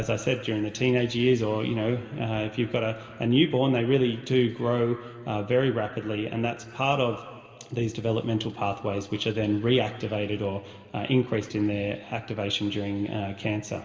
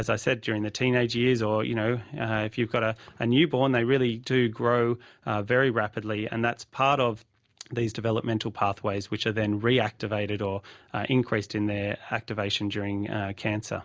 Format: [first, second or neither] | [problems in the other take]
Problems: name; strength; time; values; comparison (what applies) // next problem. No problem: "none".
second | room echo; dies away in 2.3 s